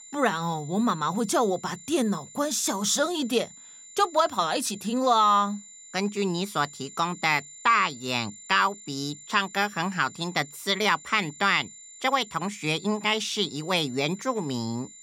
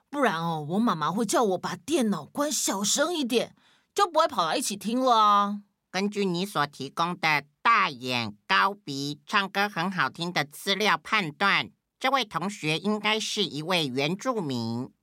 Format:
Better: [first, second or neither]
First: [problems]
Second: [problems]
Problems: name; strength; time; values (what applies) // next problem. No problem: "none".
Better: second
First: high-pitched whine; noticeable; throughout; 7 kHz, 20 dB below the speech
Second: none